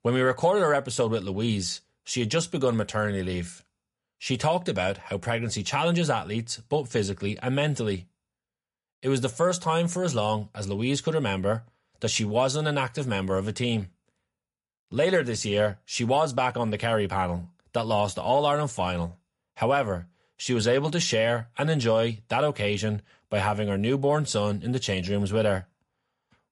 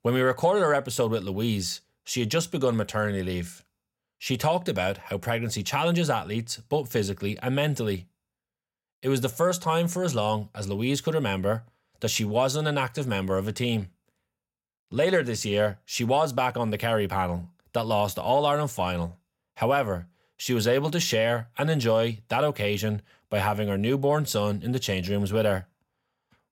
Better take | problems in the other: second | garbled, watery; slightly; nothing above 11 kHz

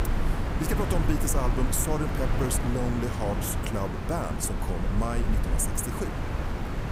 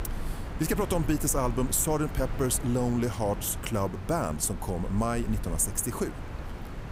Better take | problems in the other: second | wind noise on the microphone; heavy; 2 dB below the speech; occasional gusts in the second

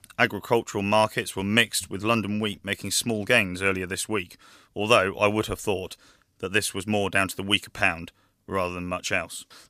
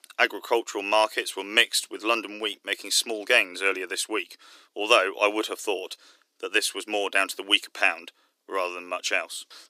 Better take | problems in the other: first | thin; very; fading below 300 Hz

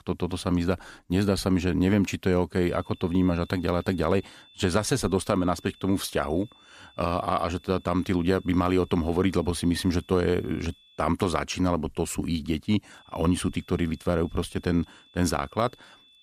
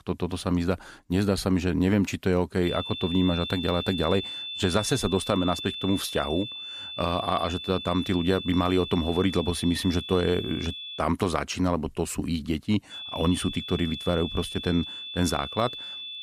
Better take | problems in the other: first | high-pitched whine; loud; from 2.5 to 11 s and from 13 s on; 3.5 kHz, 8 dB below the speech; faint in the first

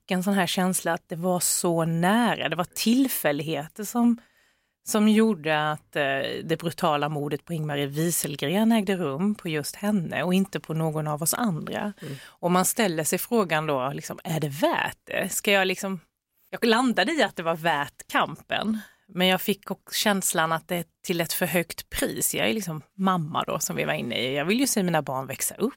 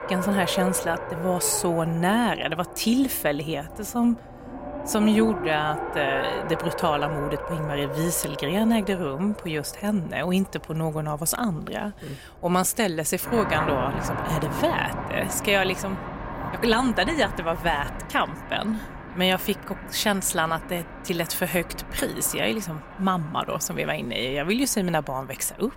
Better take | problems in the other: first | traffic noise; loud; throughout; 8 dB below the speech

